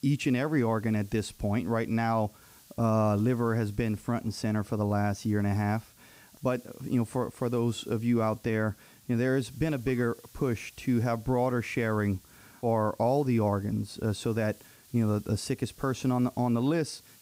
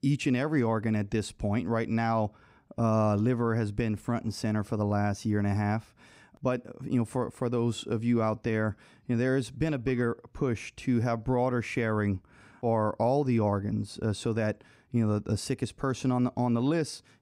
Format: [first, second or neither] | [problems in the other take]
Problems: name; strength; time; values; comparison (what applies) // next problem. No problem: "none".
second | hiss; faint; throughout; 25 dB below the speech